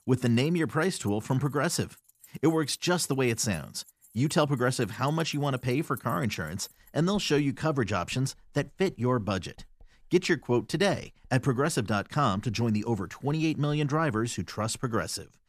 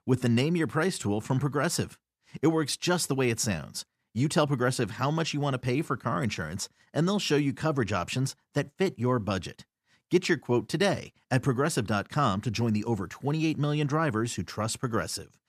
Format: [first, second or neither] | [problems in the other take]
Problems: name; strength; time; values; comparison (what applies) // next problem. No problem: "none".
second | household noises; faint; throughout; 25 dB below the speech